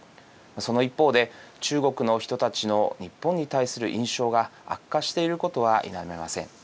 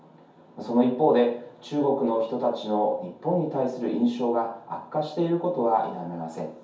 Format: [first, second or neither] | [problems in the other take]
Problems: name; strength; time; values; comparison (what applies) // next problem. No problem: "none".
first | room echo; dies away in 0.6 s